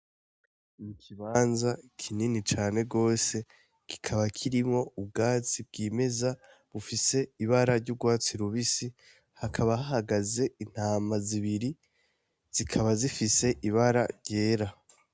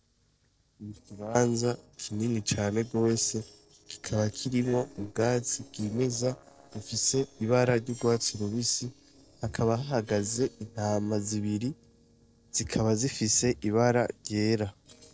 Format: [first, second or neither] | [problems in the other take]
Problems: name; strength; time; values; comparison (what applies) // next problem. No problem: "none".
first | noise reduction (neural separator model SepFormer DNS4)